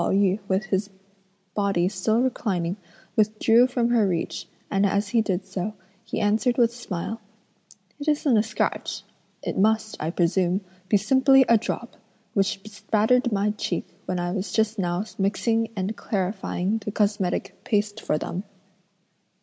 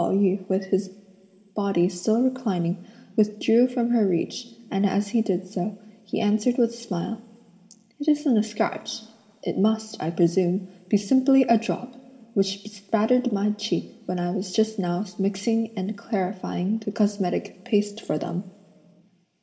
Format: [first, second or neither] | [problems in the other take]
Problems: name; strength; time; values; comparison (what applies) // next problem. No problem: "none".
first | room echo; dies away in 2.5 s